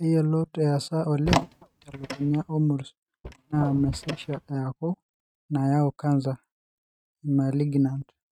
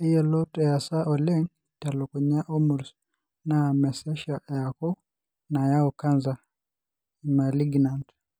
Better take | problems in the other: second | noise reduction (neural mask model RNNoise)

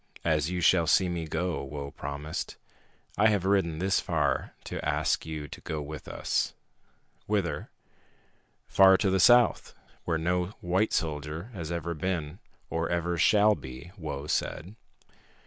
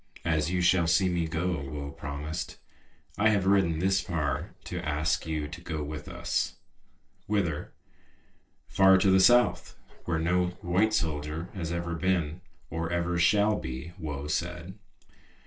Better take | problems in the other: first | noise reduction (neural separator model SepFormer DNS4)

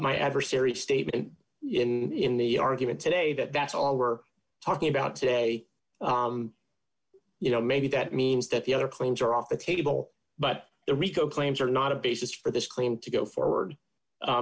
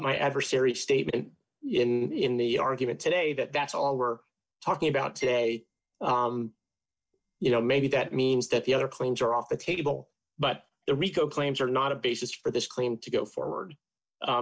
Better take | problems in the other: first | noise reduction (neural mask model DeepFilterNet 3)

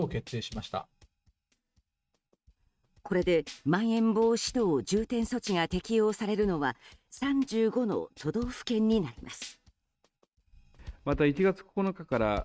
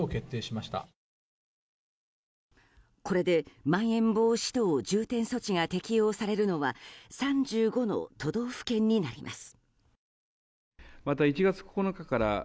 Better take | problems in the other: second | noise reduction (neural mask model RNNoise)

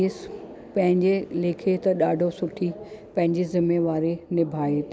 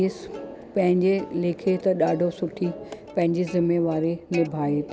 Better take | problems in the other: first | background sound (Plucked string instrument); 19 dB below the speech

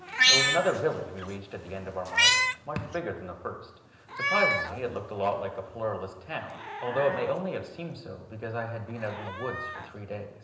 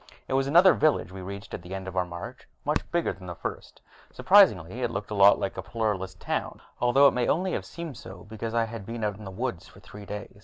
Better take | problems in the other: second | background sound (Meow); 2 dB above the speech // room echo; dies away in 0.9 s

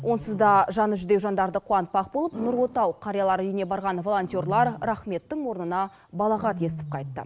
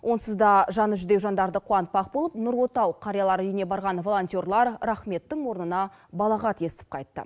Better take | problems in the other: second | background sound (Wild animals); 15 dB below the speech

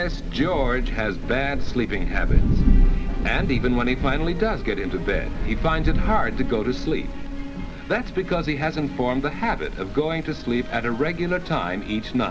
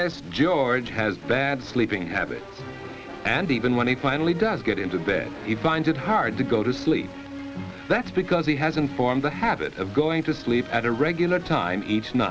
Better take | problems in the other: second | background sound (Thunder); 1 dB above the speech // room echo; dies away in 0.5 s

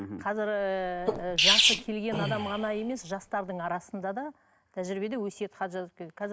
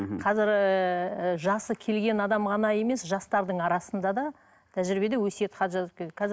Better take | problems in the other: second | background sound (Sneeze); 3 dB above the speech

